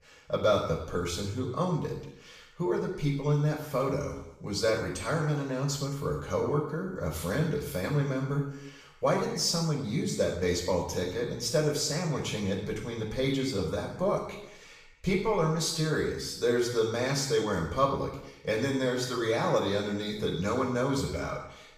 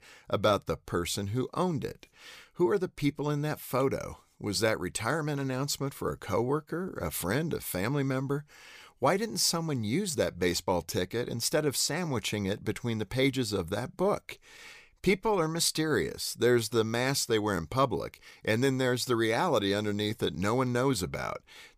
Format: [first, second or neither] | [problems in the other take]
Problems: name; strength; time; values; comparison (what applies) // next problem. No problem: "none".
second | room echo; noticeable; dies away in 0.7 s // off-mic speech; far